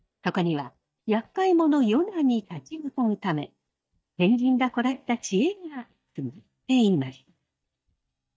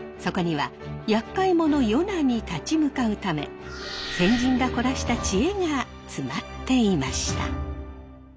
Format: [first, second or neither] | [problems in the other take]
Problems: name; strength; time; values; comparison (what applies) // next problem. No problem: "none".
second | noise reduction (neural mask model DeepFilterNet 3)